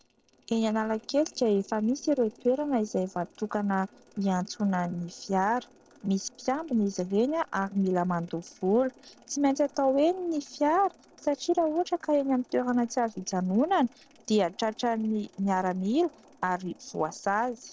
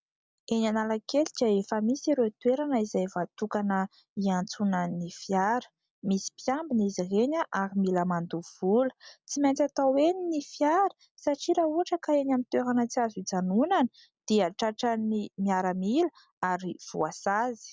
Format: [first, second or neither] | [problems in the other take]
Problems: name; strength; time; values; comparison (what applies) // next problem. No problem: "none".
second | noise reduction (neural separator model SepFormer DNS4)